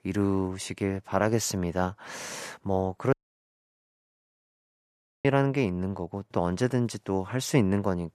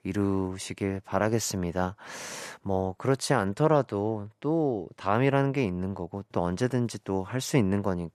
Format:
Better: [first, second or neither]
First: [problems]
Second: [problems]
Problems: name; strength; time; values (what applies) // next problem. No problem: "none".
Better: second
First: audio cutting out; at 3 s for 2 s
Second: none